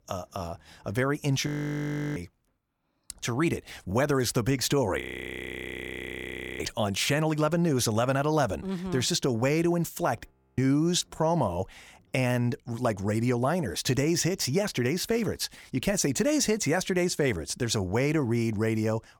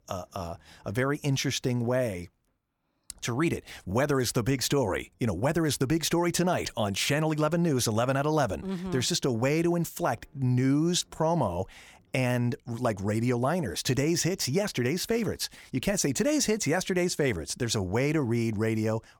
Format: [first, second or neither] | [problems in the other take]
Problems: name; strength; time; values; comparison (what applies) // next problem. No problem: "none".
second | audio freezing; at 1.5 s for 0.5 s, at 5 s for 1.5 s and at 10 s